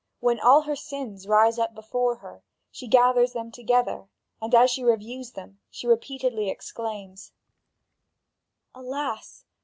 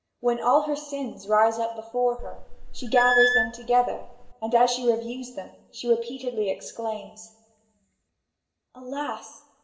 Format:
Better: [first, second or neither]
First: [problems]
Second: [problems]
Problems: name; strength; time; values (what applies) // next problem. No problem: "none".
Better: first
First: none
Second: background sound (Squeak / Screech); 1 dB below the speech // room echo; dies away in 0.9 s